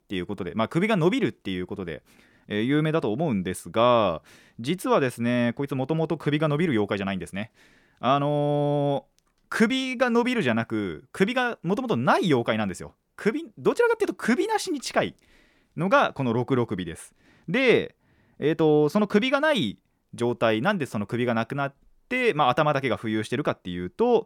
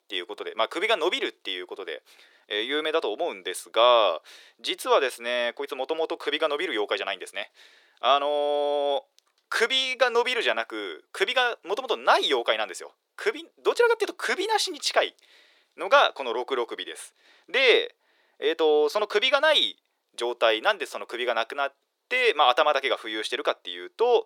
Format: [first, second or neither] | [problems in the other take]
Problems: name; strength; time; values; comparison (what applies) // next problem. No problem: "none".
first | thin; very; fading below 400 Hz